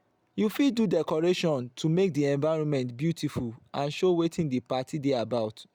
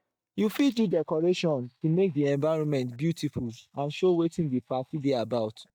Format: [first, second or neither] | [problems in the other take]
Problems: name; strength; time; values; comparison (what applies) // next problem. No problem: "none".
first | noise reduction (neural mask model DeepFilterNet 3)